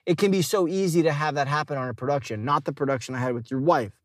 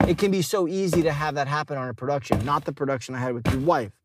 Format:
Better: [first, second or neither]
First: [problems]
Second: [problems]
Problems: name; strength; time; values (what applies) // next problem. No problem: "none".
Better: first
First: none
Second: footsteps; noticeable; peak level with the speech